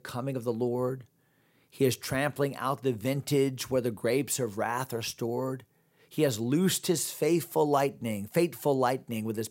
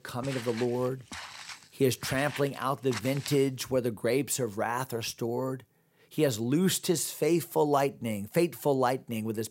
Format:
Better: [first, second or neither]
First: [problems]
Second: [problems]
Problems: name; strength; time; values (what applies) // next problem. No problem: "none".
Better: first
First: none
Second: footsteps; noticeable; until 3.5 s; peak 8 dB below the speech